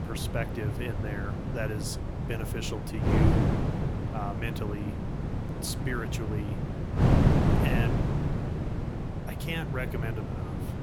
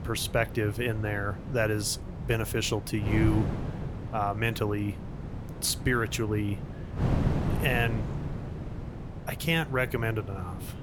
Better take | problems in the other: second | wind noise on the microphone; heavy; 1 dB above the speech; occasional gusts in the second

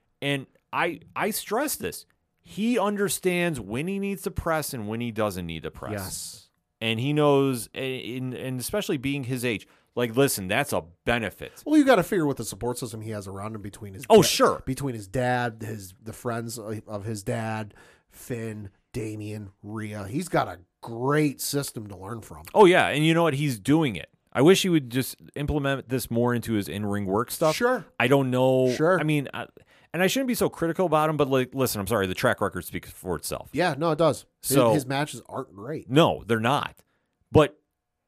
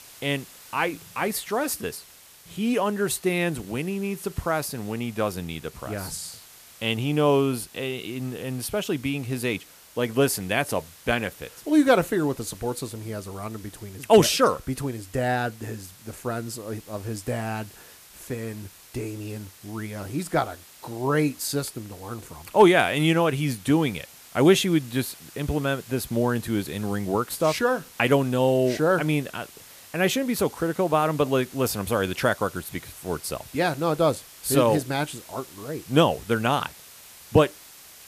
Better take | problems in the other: first | hiss; faint; throughout; 20 dB below the speech

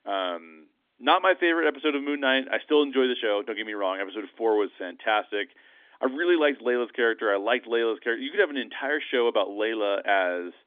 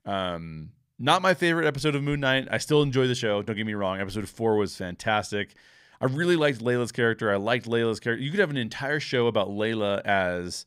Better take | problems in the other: second | phone-call audio; nothing above 3.5 kHz

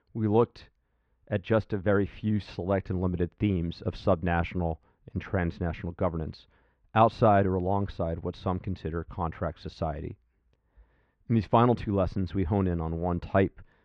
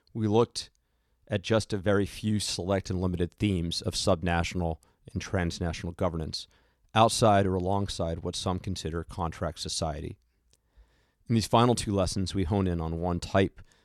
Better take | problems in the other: second | muffled; very; fading above 2.5 kHz

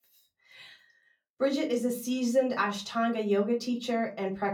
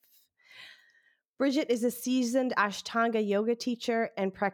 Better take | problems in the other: second | off-mic speech; far // room echo; very slight; dies away in 0.2 s

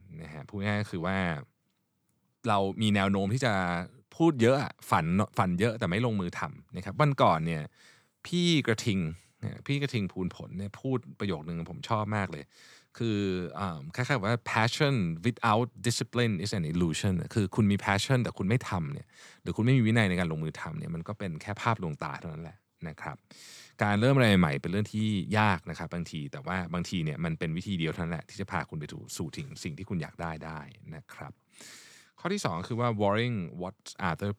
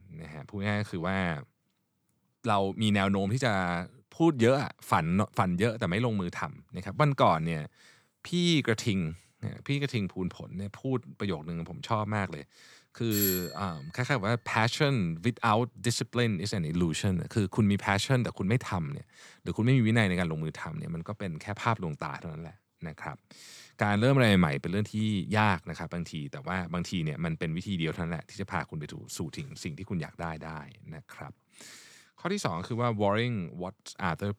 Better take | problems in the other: first | doorbell; loud; at 13 s; peak 1 dB above the speech

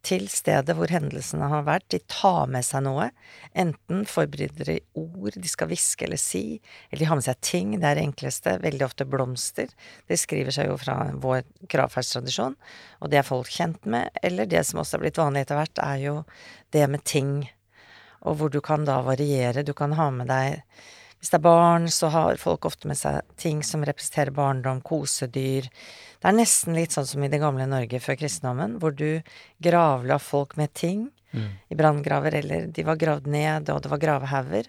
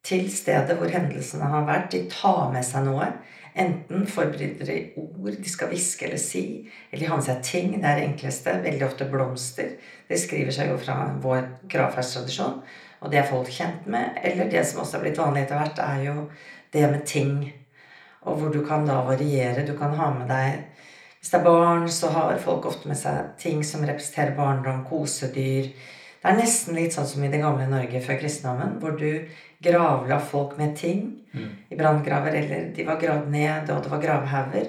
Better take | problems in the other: first | room echo; very slight; dies away in 0.4 s

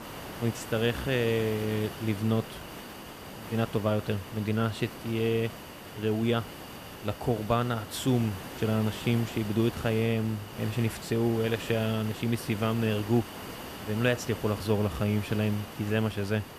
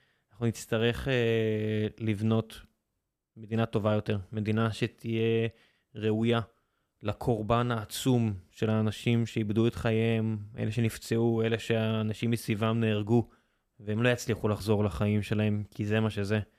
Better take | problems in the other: second | hiss; noticeable; throughout; 10 dB below the speech

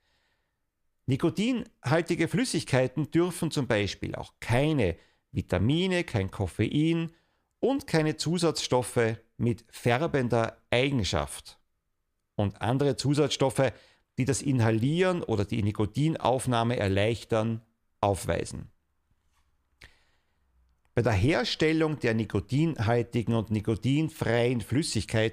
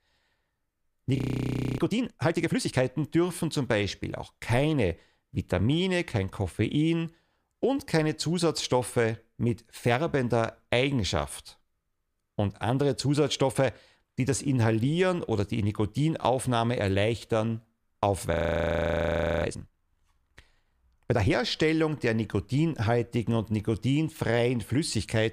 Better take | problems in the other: first | audio freezing; at 1 s for 0.5 s and at 18 s for 1 s

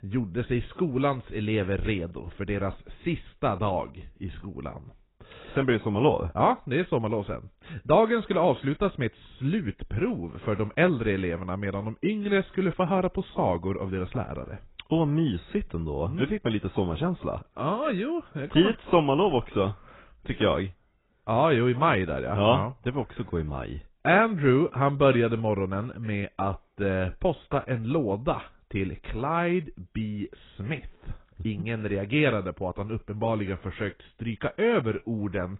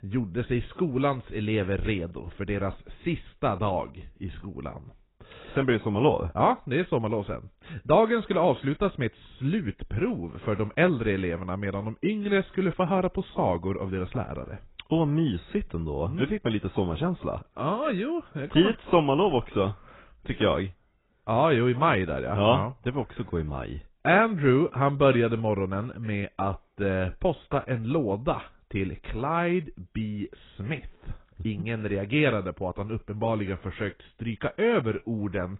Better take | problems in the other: neither | garbled, watery; badly; nothing above 4 kHz; the same in both

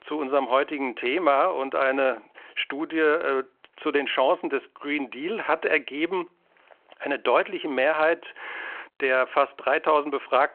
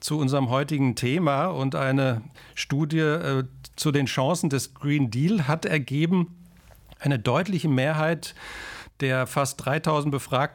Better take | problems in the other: second | phone-call audio

